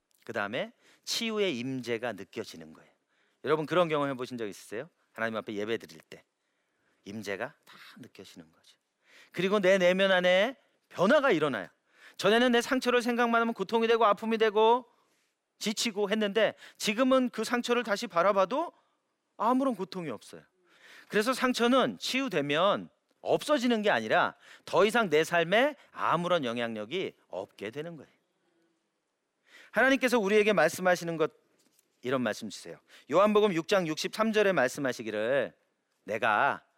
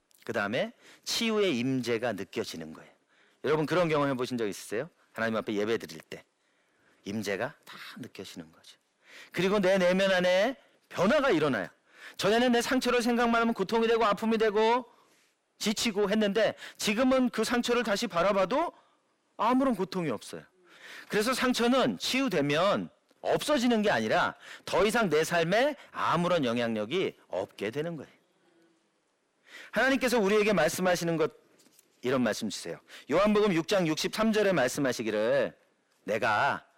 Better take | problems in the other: first | distortion; heavy; 7 dB below the speech

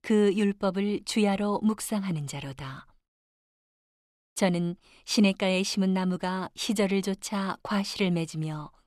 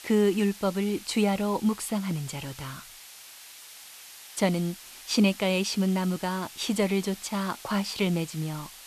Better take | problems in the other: first | hiss; noticeable; throughout; 15 dB below the speech

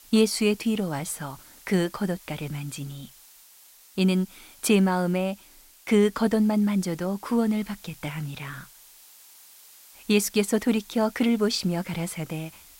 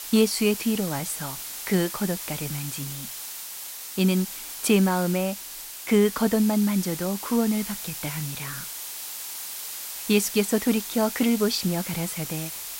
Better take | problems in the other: first | hiss; loud; throughout; 8 dB below the speech; faint in the first

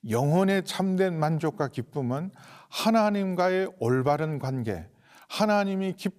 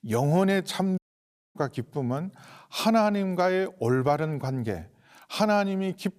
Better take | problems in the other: first | audio cutting out; at 1 s for 0.5 s

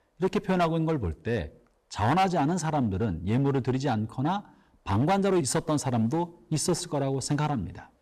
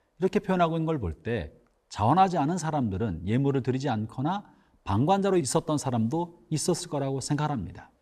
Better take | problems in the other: second | distortion; slight; 7% of the sound clipped

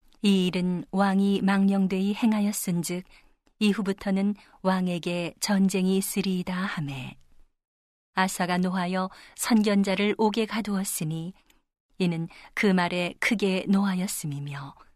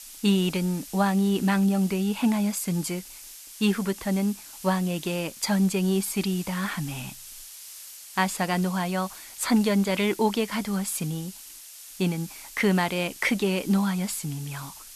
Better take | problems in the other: first | hiss; noticeable; throughout; 15 dB below the speech

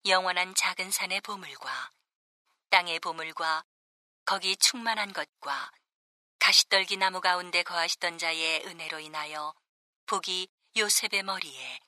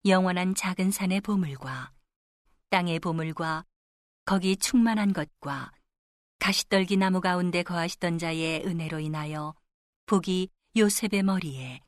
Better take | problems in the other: second | thin; very; fading below 850 Hz

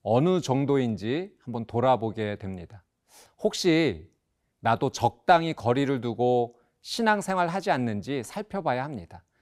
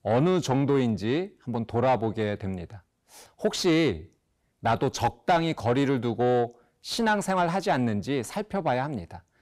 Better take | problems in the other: first | distortion; slight; 10 dB below the speech

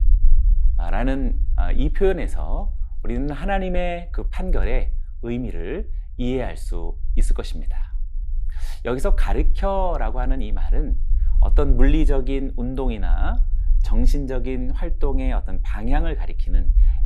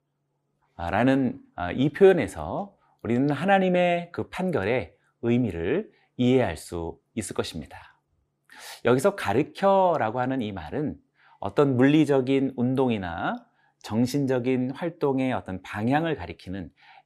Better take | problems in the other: second | low rumble; faint; throughout; 20 dB below the speech

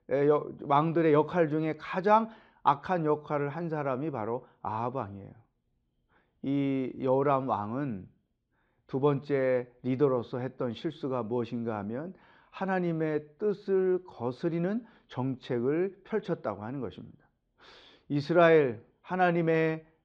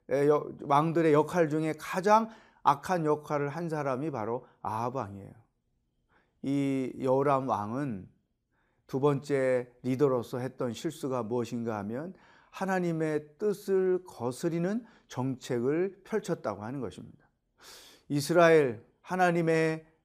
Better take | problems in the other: second | muffled; slightly; fading above 3.5 kHz

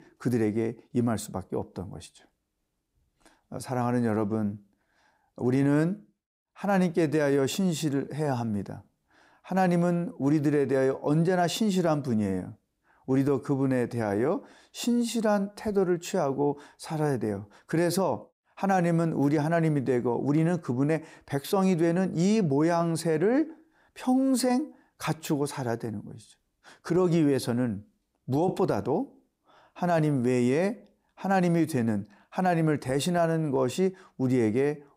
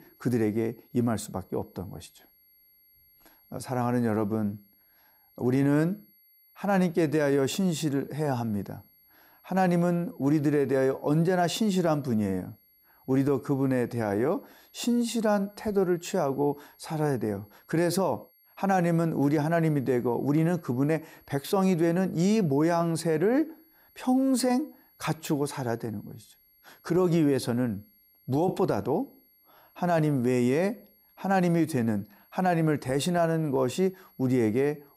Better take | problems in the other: first | high-pitched whine; faint; throughout; 11.5 kHz, 30 dB below the speech

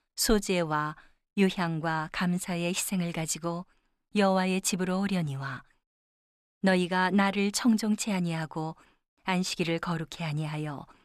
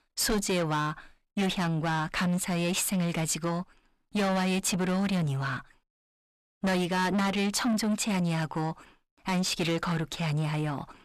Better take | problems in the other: first | distortion; heavy; 7 dB below the speech

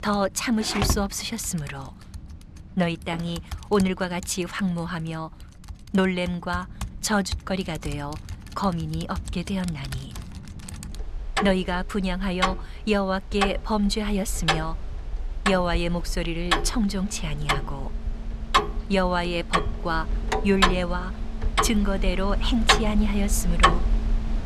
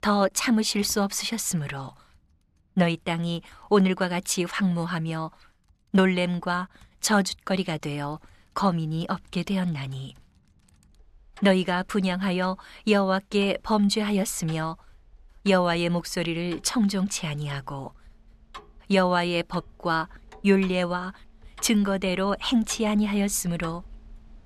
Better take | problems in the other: second | household noises; loud; throughout; 2 dB below the speech; faint in the second

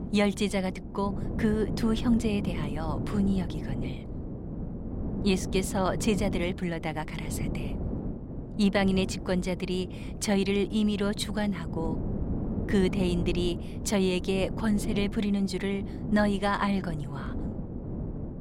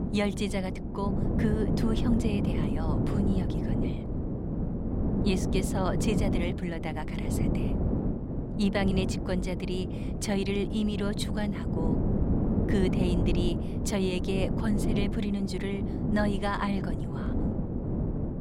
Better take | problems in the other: first | wind noise on the microphone; heavy; 3 dB below the speech; occasional gusts in the first

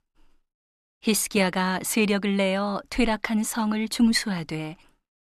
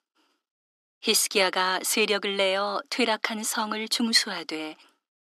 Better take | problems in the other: first | thin; somewhat; fading below 250 Hz

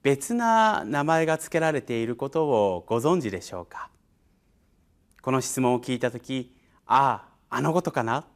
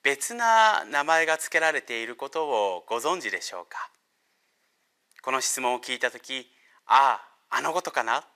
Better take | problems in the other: first | thin; very; fading below 650 Hz

